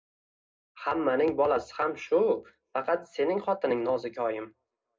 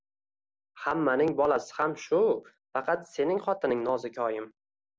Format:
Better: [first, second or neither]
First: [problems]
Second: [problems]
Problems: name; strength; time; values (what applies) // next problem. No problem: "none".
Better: second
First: room echo; dies away in 0.2 s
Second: none